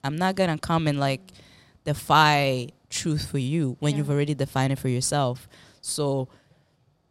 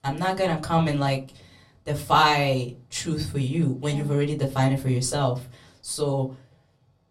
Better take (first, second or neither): first